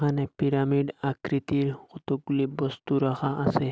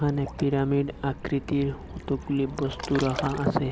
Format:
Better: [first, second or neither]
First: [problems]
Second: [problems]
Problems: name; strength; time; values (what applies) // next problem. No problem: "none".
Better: first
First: none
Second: background sound (Ocean); 11 dB below the speech